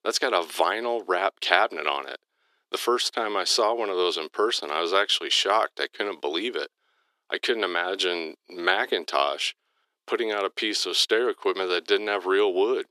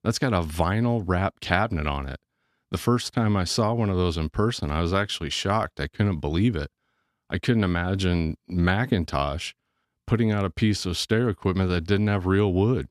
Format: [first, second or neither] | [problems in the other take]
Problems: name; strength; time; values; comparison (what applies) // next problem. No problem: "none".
second | thin; very; fading below 350 Hz